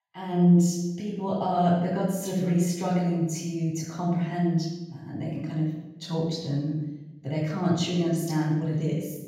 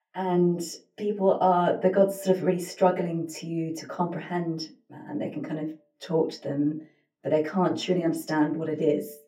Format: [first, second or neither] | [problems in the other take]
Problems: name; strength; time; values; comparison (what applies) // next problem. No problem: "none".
second | room echo; strong; dies away in 1.3 s; slight in the second // off-mic speech; far; far in the second